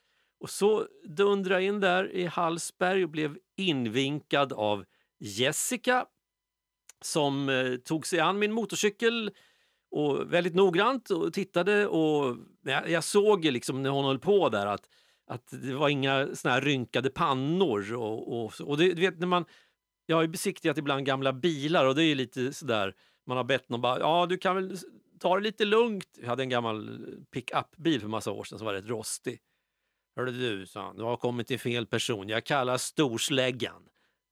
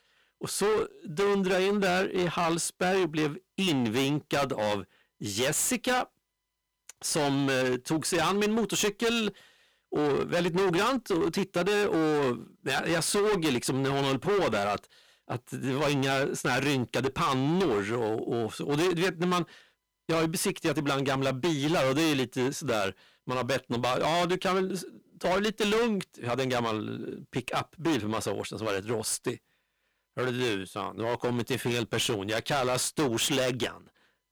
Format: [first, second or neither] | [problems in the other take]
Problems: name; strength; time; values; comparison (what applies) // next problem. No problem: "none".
first | distortion; heavy; 20% of the sound clipped